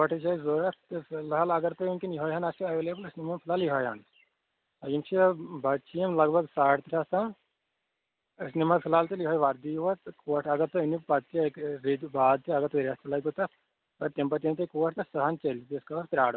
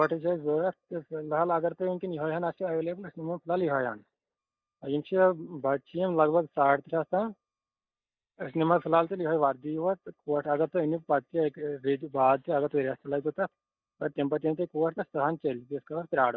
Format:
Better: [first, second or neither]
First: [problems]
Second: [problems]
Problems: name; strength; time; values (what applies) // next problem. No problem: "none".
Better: first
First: none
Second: noise reduction (neural mask model DeepFilterNet 3)